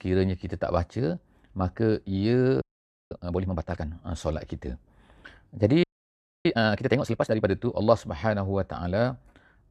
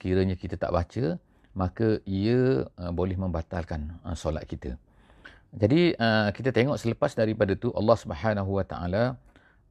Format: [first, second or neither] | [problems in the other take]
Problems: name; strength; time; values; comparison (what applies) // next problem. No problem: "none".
second | audio freezing; at 2.5 s and at 6 s for 0.5 s